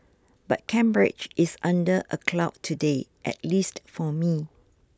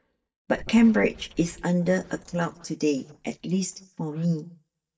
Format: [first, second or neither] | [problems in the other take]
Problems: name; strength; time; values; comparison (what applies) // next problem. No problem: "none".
first | noise reduction (neural mask model DeepFilterNet 3)